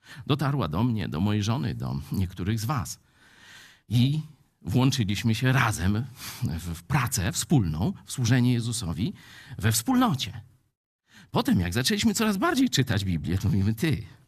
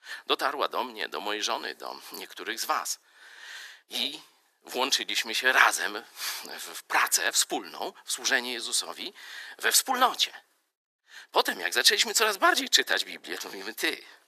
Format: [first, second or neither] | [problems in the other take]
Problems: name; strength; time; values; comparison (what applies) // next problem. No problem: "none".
first | thin; very; fading below 400 Hz